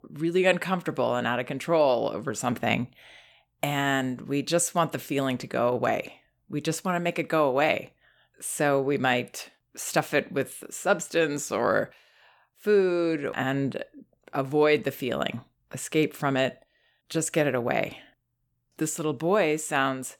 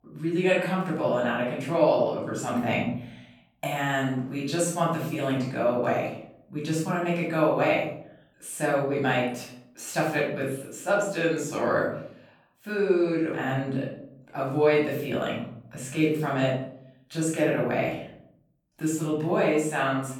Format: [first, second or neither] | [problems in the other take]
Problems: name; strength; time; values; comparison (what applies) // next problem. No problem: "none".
first | off-mic speech; far // room echo; noticeable; dies away in 0.6 s